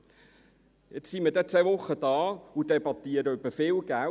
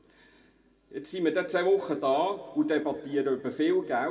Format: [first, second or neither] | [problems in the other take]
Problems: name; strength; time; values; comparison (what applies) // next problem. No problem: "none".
first | room echo; dies away in 1.4 s